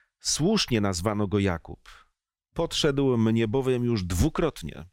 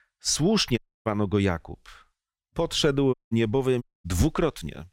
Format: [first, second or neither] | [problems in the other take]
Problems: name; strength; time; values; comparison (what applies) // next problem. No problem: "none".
first | audio cutting out; at 1 s, at 3 s and at 4 s